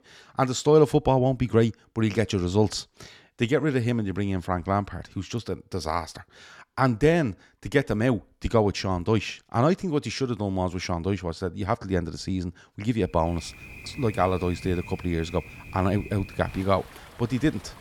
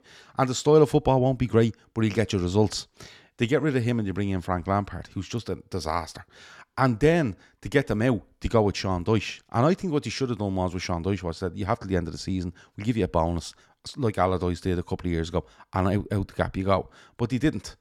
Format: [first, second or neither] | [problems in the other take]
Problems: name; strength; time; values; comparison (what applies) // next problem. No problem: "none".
second | rain or running water; noticeable; from 13 s on; 15 dB below the speech